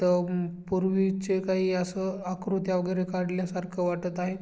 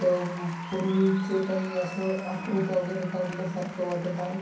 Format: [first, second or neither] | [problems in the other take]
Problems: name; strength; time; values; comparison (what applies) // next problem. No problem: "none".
first | background sound (Applause); 13 dB below the speech // room echo; dies away in 0.6 s